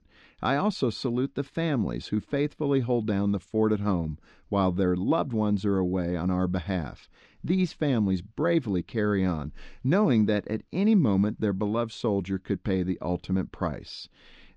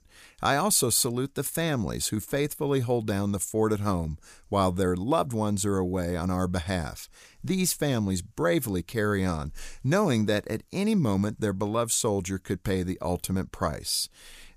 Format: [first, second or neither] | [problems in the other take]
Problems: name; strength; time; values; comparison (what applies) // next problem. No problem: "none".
second | muffled; slightly; fading above 4 kHz